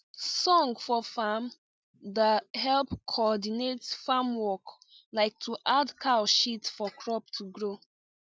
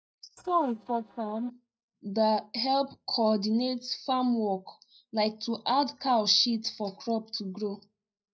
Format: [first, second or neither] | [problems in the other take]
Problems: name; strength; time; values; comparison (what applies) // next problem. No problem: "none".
first | noise reduction (neural mask model DeepFilterNet 3)